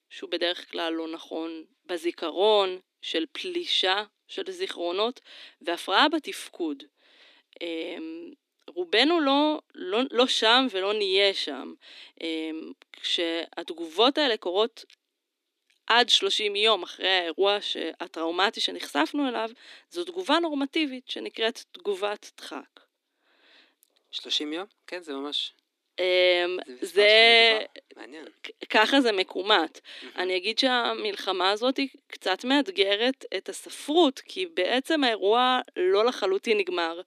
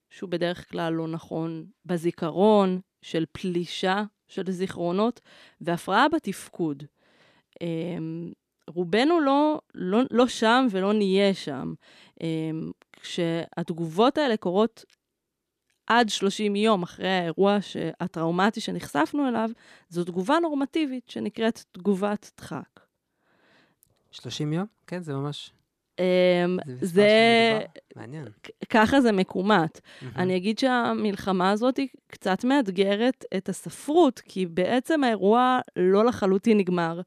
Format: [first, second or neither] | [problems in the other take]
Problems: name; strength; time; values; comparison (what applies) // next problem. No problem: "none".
second | thin; very slightly; fading below 250 Hz